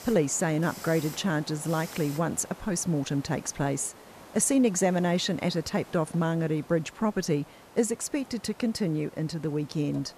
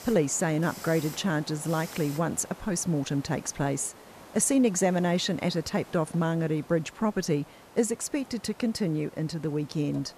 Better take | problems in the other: neither | hiss; noticeable; throughout; 20 dB below the speech; the same in both

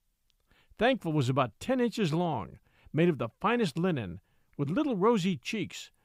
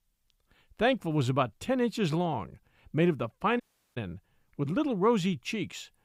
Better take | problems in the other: first | audio cutting out; at 3.5 s

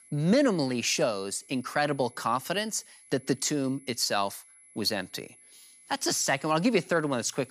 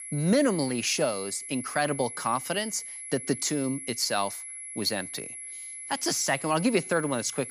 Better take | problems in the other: first | high-pitched whine; loud; throughout; 11 kHz, 9 dB below the speech; faint in the first

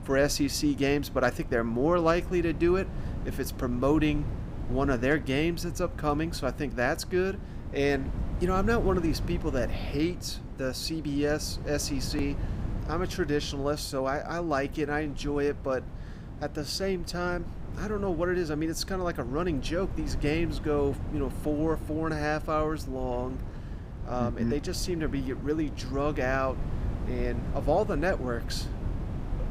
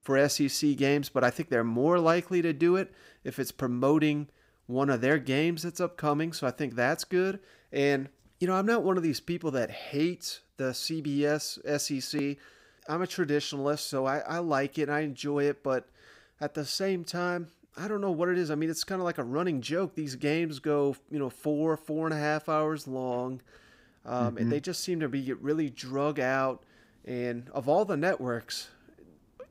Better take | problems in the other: second | wind noise on the microphone; occasional gusts; 15 dB below the speech

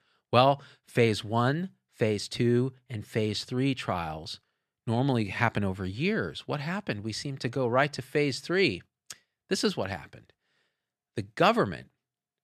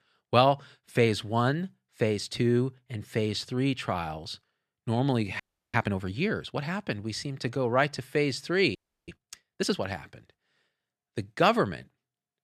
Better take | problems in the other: first | audio freezing; at 5.5 s and at 9 s

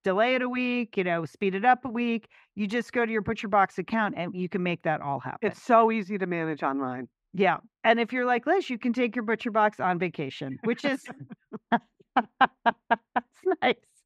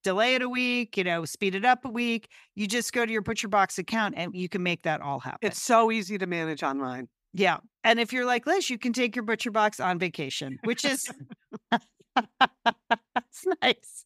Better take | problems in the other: second | muffled; very; fading above 4 kHz

